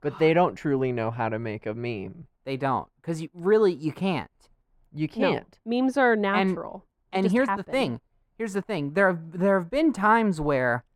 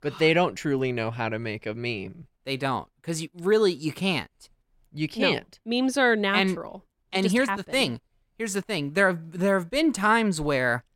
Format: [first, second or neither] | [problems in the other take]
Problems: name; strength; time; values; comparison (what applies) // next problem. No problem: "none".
second | muffled; slightly; fading above 2.5 kHz